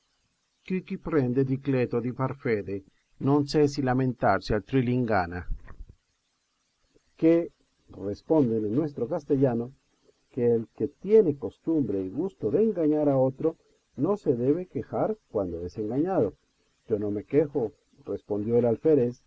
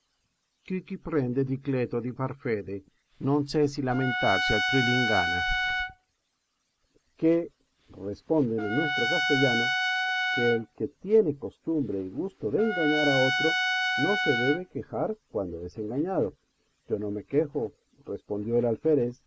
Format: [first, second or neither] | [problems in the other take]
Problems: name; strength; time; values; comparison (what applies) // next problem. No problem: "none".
first | background sound (Trumpet); 1 dB below the speech